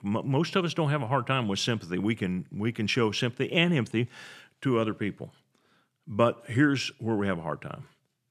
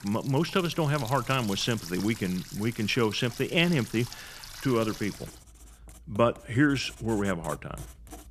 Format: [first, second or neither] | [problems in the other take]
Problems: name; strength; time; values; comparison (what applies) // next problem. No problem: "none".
first | household noises; noticeable; throughout; 15 dB below the speech